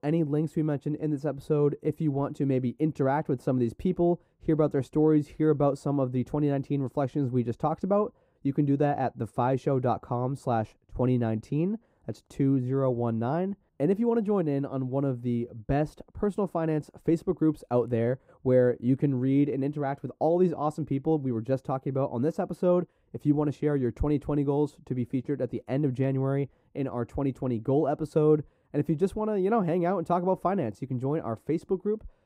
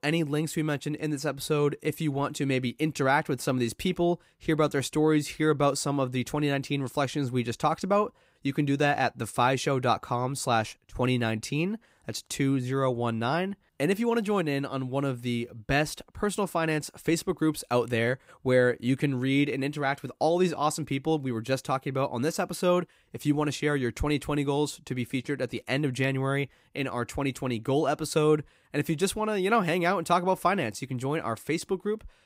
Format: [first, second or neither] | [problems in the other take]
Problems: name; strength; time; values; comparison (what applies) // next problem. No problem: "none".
second | muffled; very; fading above 1.5 kHz